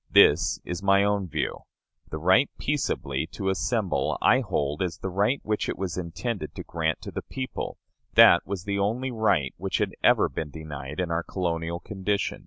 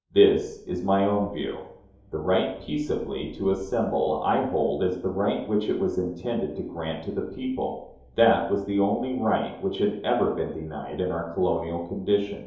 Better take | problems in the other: first | room echo; dies away in 2.8 s

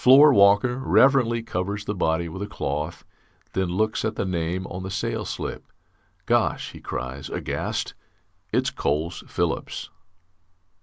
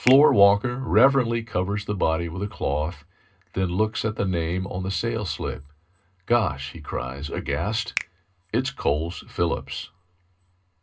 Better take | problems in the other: first | background sound (Finger snapping); 15 dB below the speech // room echo; dies away in 0.2 s

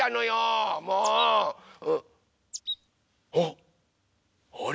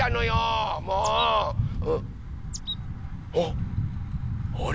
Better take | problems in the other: first | background sound (Thunder / Bicycle); 2 dB below the speech

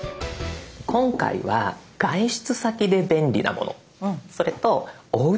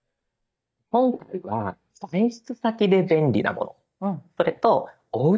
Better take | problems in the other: first | noise reduction (neural mask model DeepFilterNet 3)

